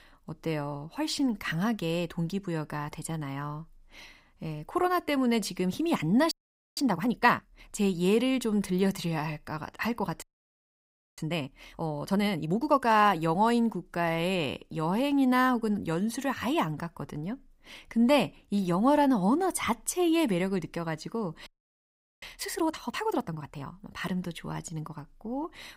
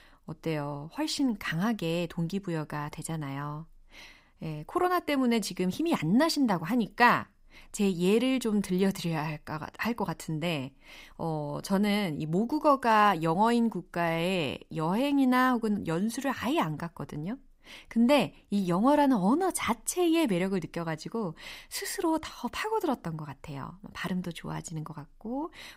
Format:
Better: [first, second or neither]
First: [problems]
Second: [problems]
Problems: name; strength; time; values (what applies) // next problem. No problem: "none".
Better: second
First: audio freezing; at 6.5 s, at 10 s for 1 s and at 21 s for 1 s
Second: none